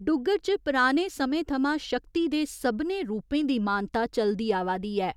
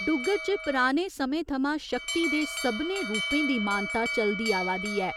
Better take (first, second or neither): first